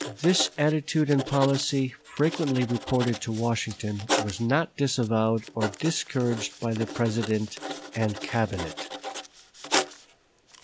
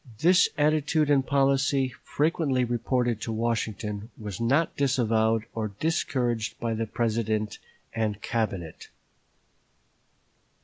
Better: second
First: background sound (Writing); 8 dB below the speech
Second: none

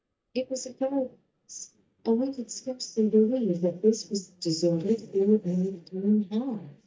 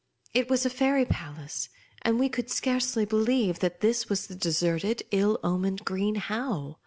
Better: second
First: noise reduction (neural mask model DeepFilterNet 3)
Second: none

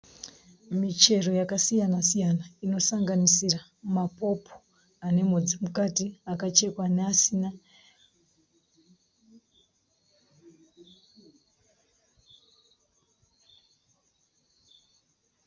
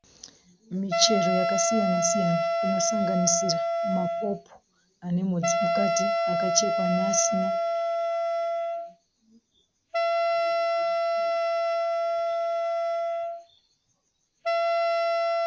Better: first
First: none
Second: background sound (Wind instrument, woodwind instrument); 5 dB above the speech

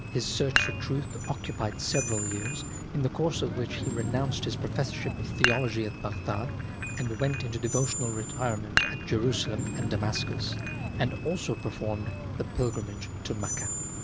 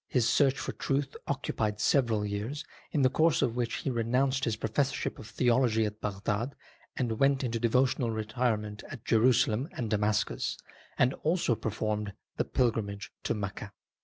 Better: second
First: background sound (Dishes, pots, and pans + Screech); 1 dB below the speech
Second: none

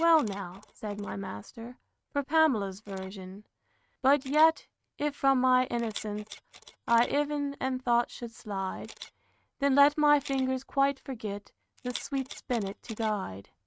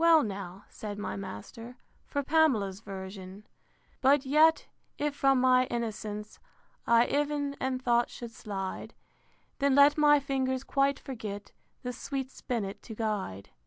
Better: second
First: noise reduction (neural mask model RNNoise)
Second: none

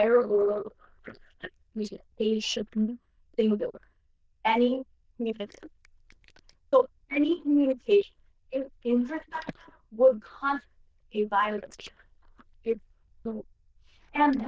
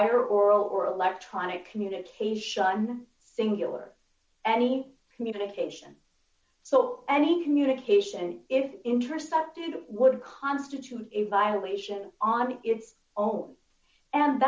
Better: second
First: noise reduction (neural diffusion model UNIVERSE++)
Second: none

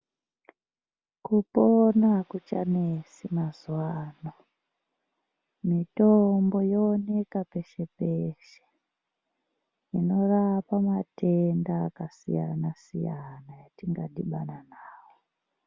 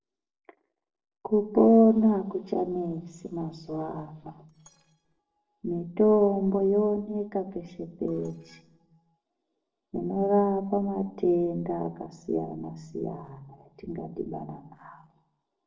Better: first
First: none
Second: noise reduction (neural separator model SepFormer DNS4)

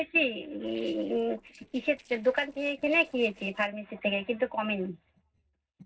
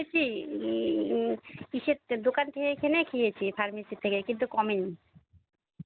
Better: second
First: noise reduction (neural separator model SepFormer DNS4)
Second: none

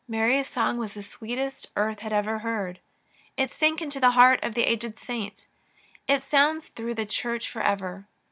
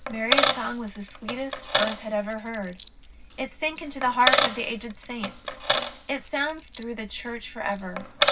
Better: first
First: none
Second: background sound (Coin (dropping)); 1 dB above the speech // room echo; dies away in 0.4 s

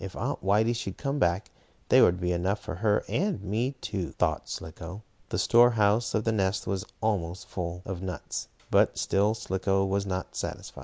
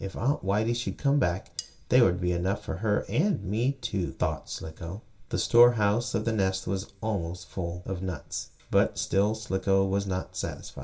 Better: first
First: none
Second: background sound (Cutlery, silverware); 15 dB below the speech // room echo; dies away in 0.2 s

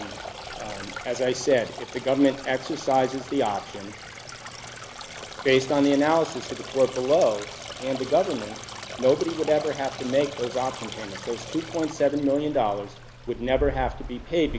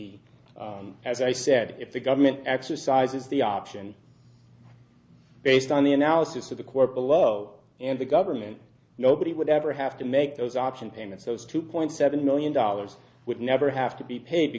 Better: second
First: background sound (Stream); 12 dB below the speech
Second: none

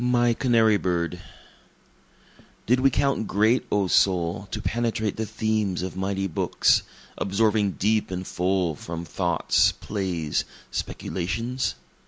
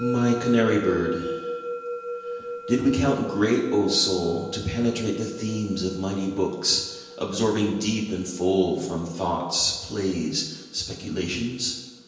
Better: first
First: none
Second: background sound (Musical instrument); 10 dB below the speech // room echo; dies away in 1 s

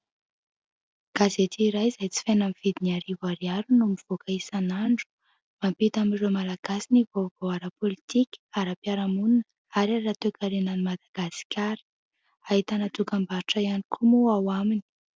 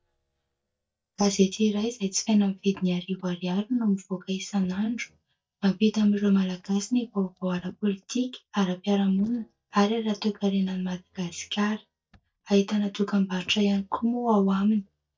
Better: first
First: none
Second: noise reduction (neural mask model DeepFilterNet 3)

